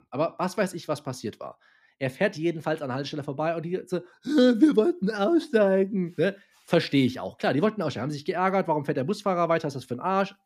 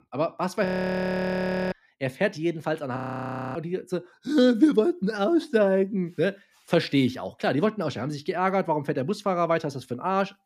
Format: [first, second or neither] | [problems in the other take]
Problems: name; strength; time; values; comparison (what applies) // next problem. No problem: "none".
first | audio freezing; at 0.5 s for 1 s and at 3 s for 0.5 s